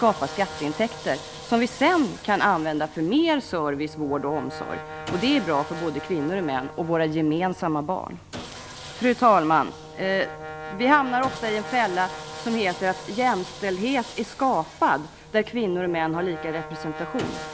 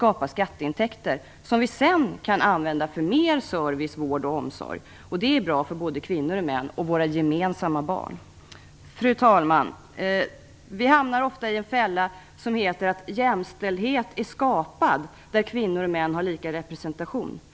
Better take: second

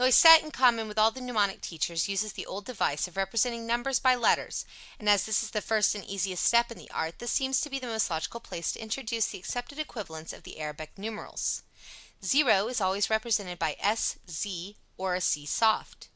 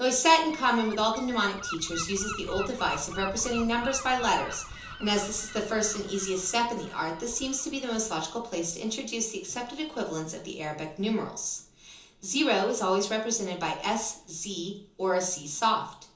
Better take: first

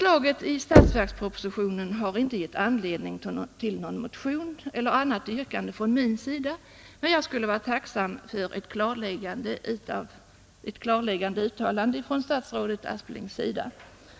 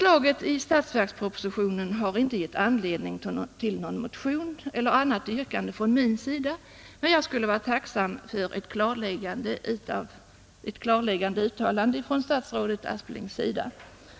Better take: second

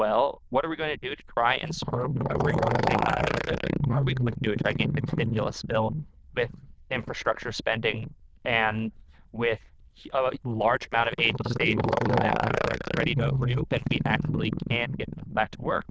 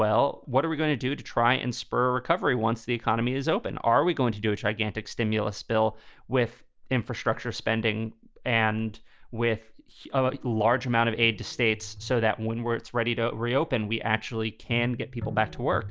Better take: second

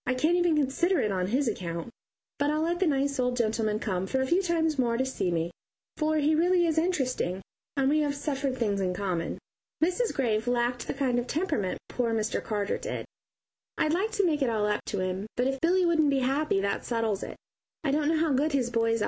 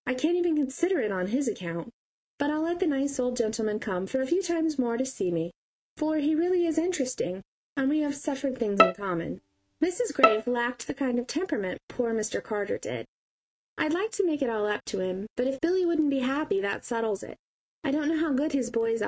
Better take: first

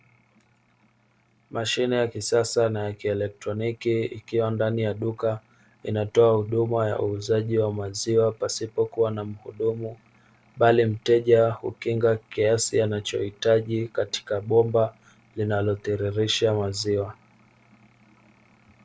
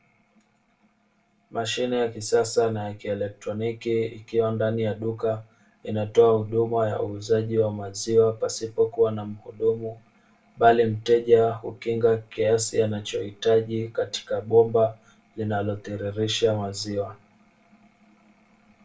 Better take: first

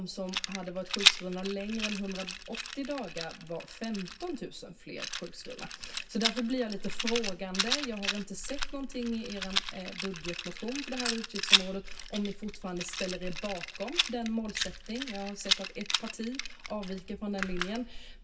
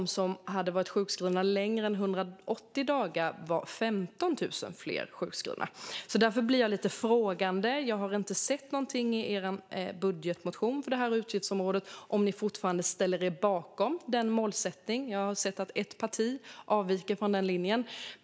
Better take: second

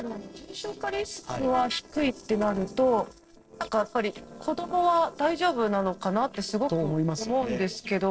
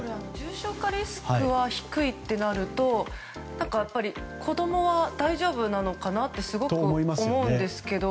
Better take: second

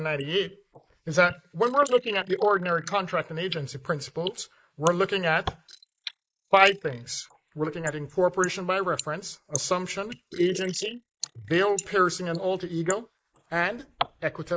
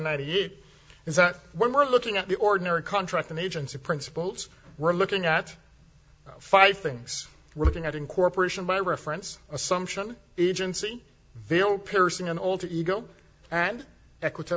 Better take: second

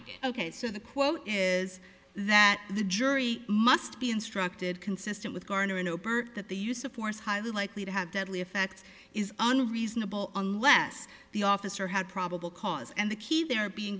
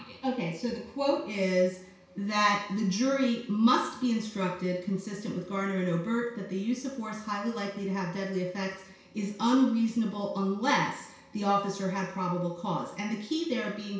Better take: first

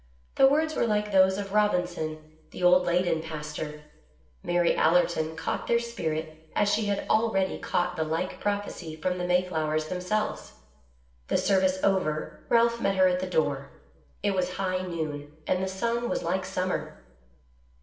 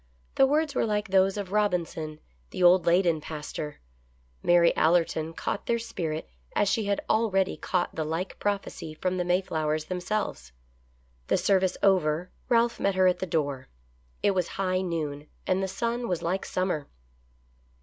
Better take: second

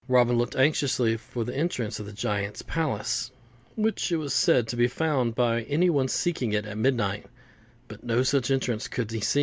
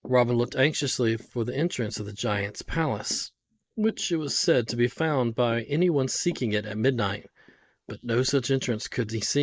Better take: first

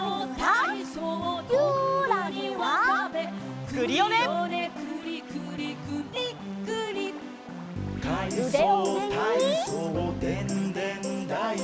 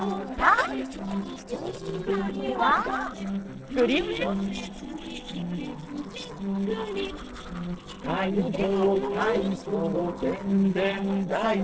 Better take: first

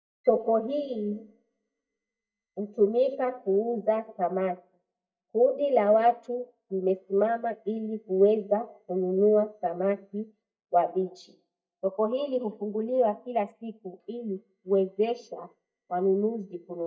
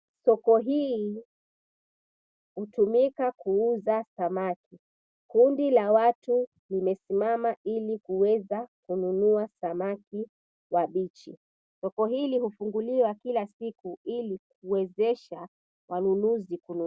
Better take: second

